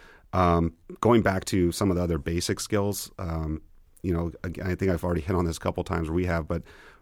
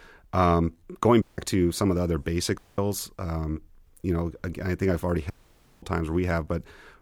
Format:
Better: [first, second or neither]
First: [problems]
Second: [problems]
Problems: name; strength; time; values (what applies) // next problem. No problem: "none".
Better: first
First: none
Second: audio cutting out; at 1 s, at 2.5 s and at 5.5 s for 0.5 s